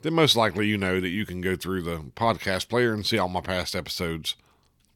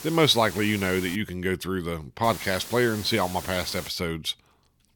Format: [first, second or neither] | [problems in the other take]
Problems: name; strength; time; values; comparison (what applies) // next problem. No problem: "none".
first | hiss; very faint; until 1 s and from 2 to 4 s; 15 dB below the speech